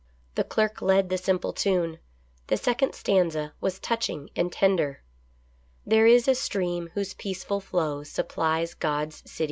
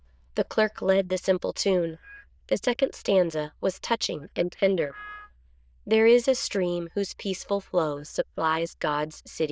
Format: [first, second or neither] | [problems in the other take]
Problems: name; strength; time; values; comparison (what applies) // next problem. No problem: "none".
first | noise reduction (neural diffusion model UNIVERSE++)